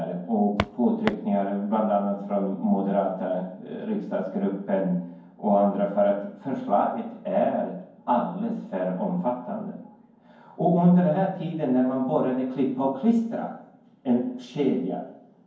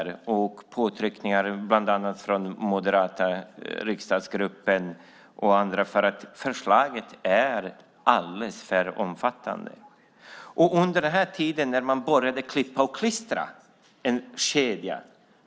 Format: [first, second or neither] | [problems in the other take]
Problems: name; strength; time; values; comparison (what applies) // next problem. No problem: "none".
second | background sound (Walk, footsteps); 5 dB below the speech // room echo; dies away in 0.9 s